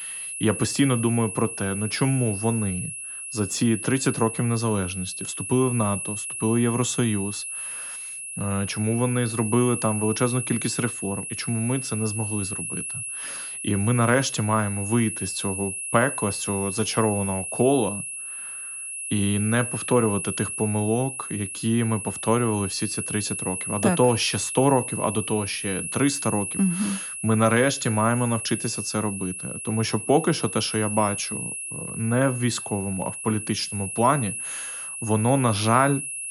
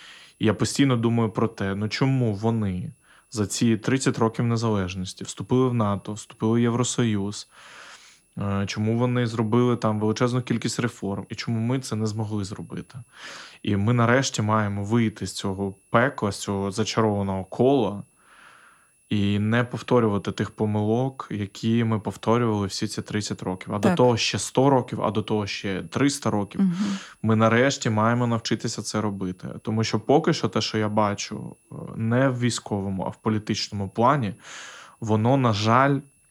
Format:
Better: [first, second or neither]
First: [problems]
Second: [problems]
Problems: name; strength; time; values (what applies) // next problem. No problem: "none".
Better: second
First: high-pitched whine; loud; throughout; 10.5 kHz, 5 dB below the speech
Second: high-pitched whine; faint; throughout; 10.5 kHz, 35 dB below the speech